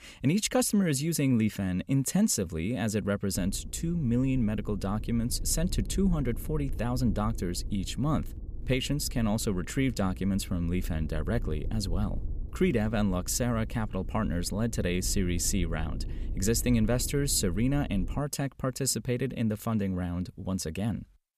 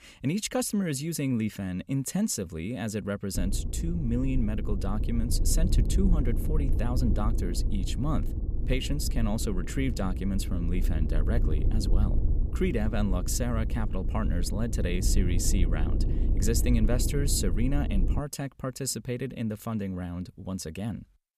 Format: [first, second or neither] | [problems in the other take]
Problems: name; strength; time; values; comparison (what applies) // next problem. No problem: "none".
first | low rumble; loud; from 3.5 to 18 s; 9 dB below the speech; faint in the first